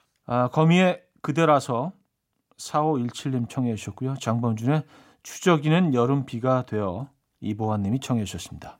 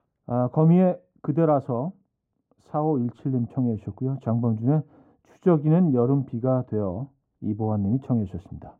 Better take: first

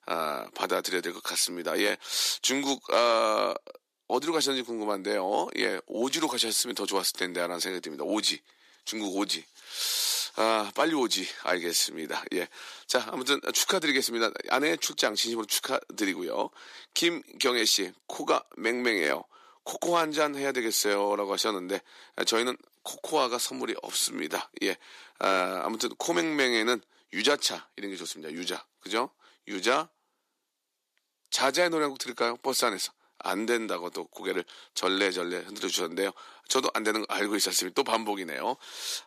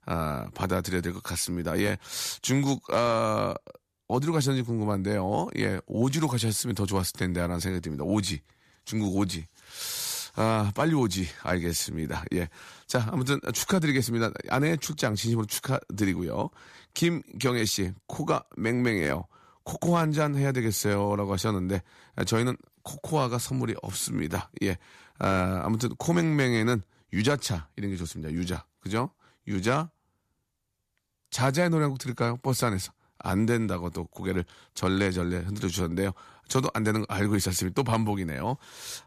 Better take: second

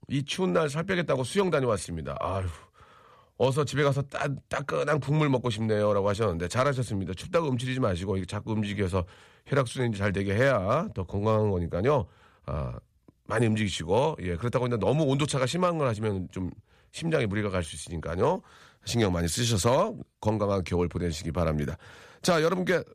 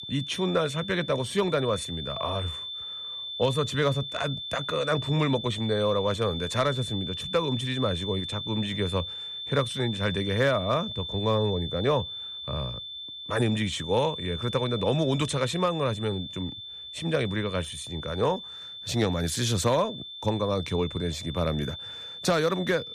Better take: first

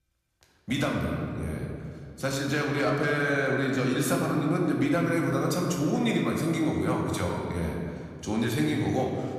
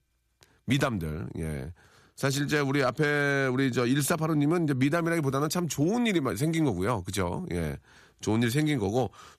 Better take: second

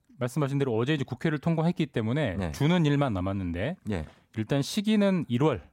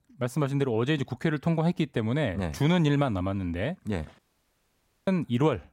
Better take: first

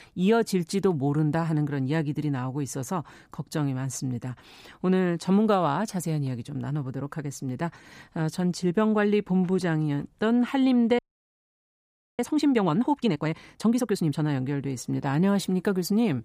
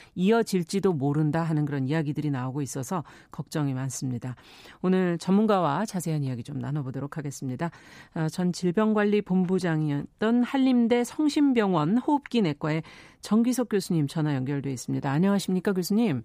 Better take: second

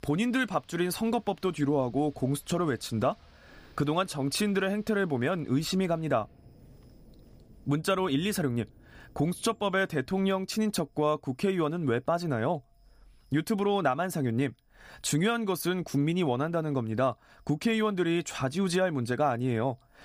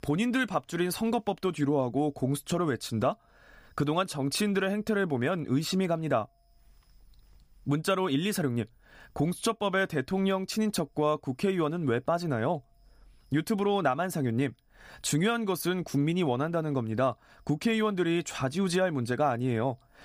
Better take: second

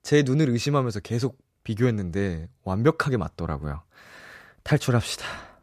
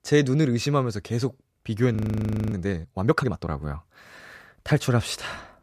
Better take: first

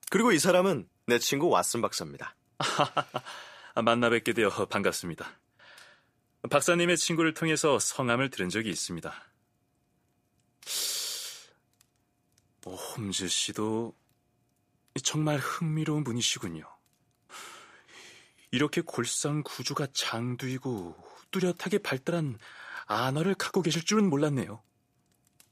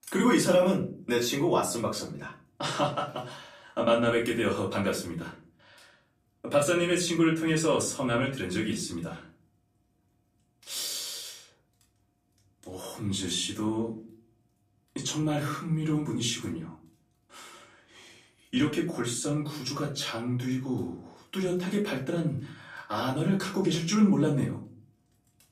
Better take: first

